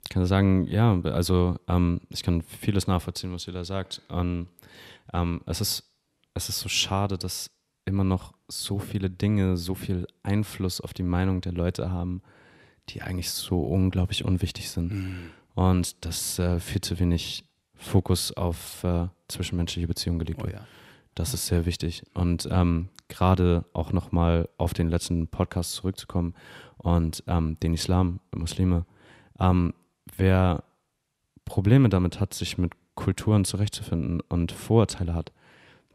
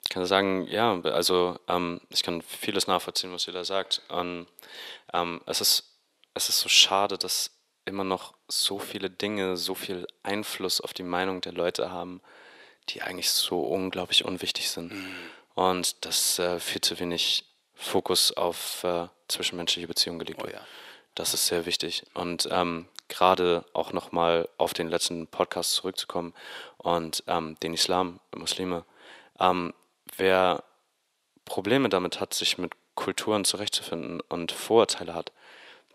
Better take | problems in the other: first | thin; very; fading below 500 Hz

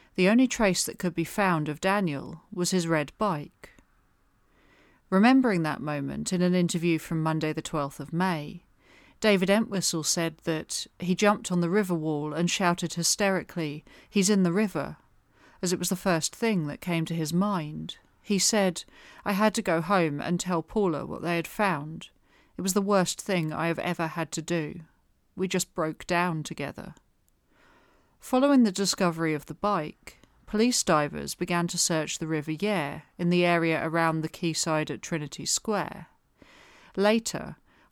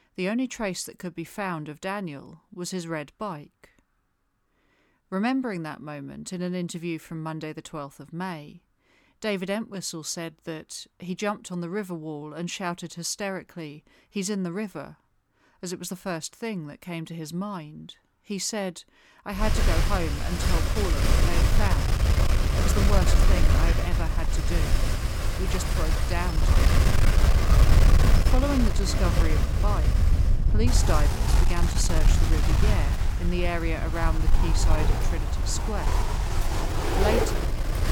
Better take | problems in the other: first | wind noise on the microphone; heavy; from 19 s on; 1 dB above the speech

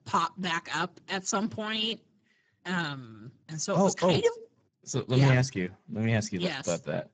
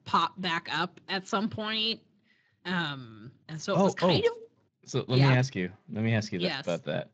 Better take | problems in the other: second | garbled, watery; badly; nothing above 7.5 kHz; slightly in the second

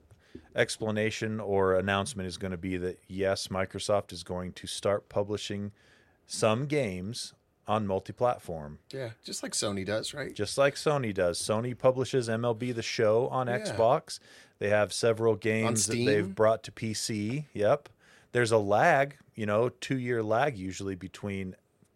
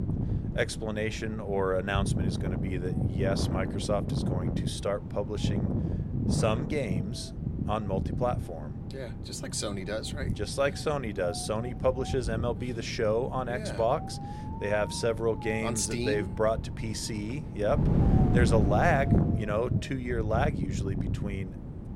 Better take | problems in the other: first | wind noise on the microphone; heavy; 9 dB below the speech

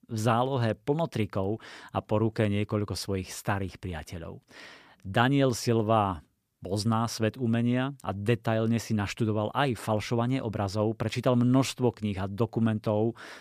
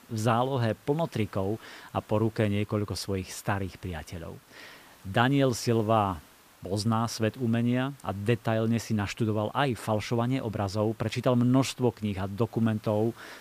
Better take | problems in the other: first | hiss; faint; throughout; 25 dB below the speech

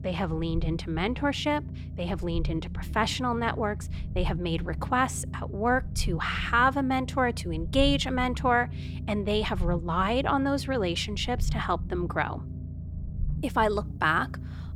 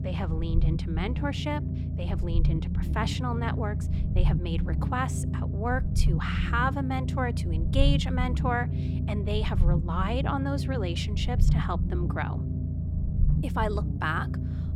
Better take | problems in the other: first | low rumble; loud; throughout; 8 dB below the speech; faint in the first

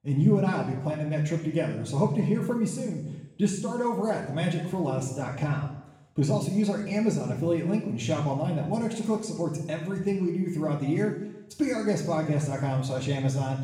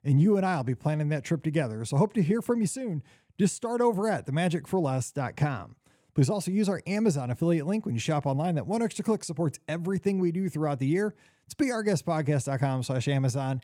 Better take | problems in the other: second | room echo; noticeable; dies away in 0.8 s // off-mic speech; far

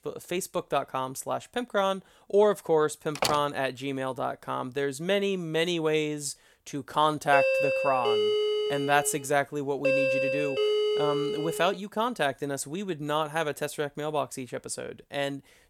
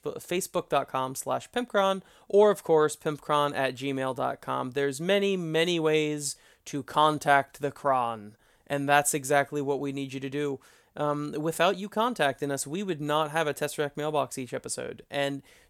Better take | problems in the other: second | door banging; noticeable; at 3 s; peak 1 dB below the speech // doorbell; loud; from 7.5 to 12 s; peak 5 dB above the speech

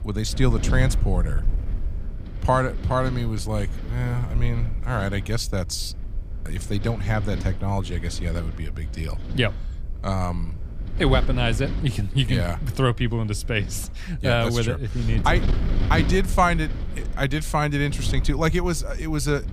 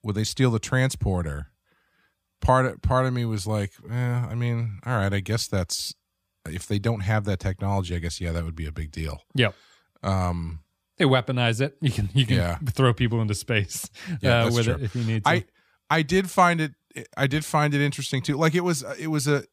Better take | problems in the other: second | wind noise on the microphone; occasional gusts; 15 dB below the speech

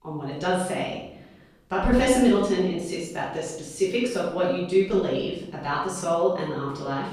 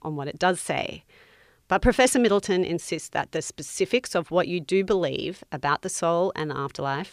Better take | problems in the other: second | off-mic speech; far // room echo; noticeable; dies away in 0.8 s

